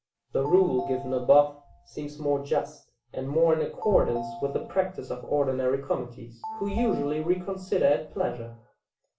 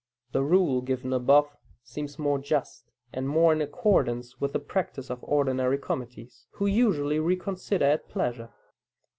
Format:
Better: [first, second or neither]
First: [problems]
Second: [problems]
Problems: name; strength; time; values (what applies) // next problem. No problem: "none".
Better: second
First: background sound (Telephone); 14 dB below the speech // room echo; dies away in 0.3 s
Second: none